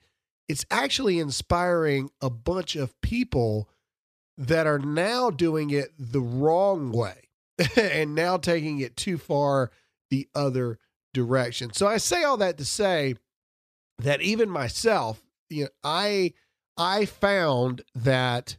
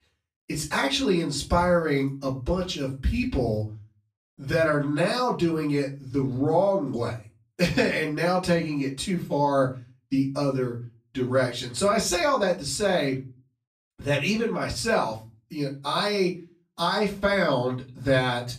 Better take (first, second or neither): first